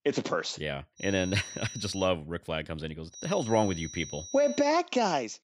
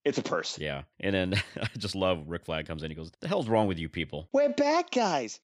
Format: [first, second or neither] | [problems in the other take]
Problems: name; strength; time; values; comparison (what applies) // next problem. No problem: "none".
second | high-pitched whine; noticeable; from 1 to 2 s and from 3 to 4.5 s; 6 kHz, 10 dB below the speech